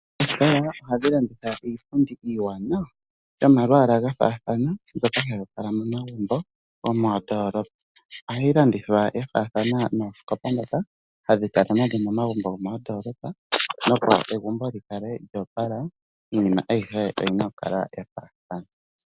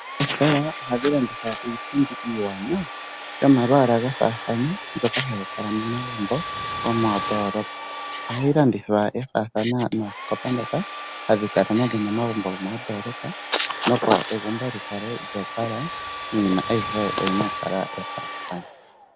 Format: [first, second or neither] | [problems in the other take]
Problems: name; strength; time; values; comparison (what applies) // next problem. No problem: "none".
first | background sound (Domestic sounds, home sounds); 9 dB below the speech